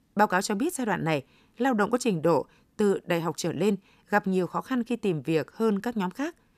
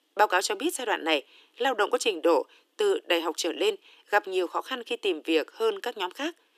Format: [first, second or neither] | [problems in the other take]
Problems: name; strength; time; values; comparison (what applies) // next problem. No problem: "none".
first | thin; very; fading below 300 Hz